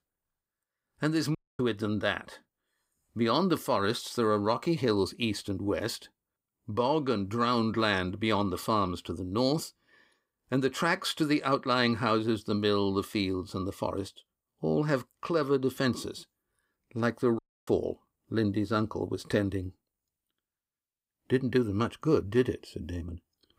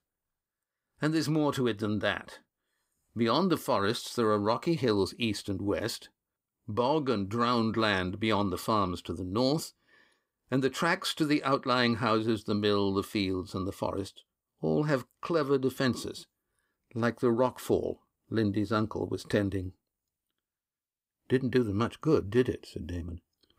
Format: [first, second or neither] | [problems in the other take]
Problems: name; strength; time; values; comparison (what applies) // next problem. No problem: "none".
second | audio cutting out; at 1.5 s and at 17 s